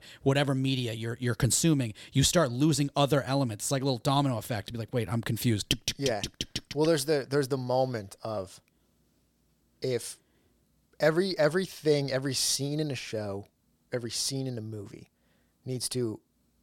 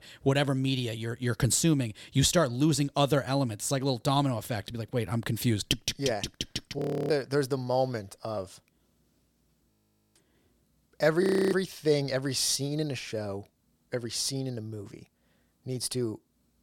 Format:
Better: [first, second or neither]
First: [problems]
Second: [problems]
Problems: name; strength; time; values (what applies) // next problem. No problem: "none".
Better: first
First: none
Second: audio freezing; at 7 s, at 9.5 s and at 11 s